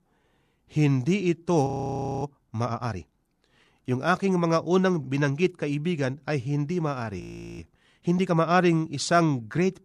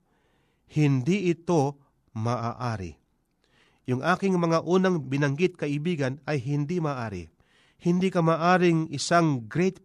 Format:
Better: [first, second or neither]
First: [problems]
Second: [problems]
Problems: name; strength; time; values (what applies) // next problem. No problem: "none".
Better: second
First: audio freezing; at 1.5 s for 0.5 s and at 7 s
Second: none